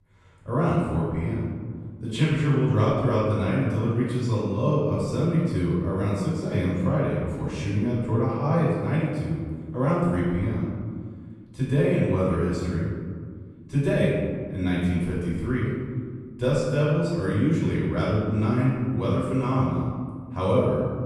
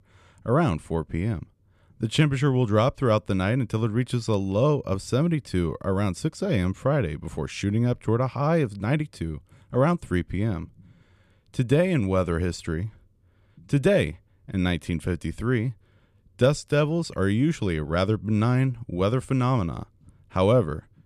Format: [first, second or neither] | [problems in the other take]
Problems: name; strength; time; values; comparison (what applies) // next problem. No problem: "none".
second | room echo; strong; dies away in 1.8 s // off-mic speech; far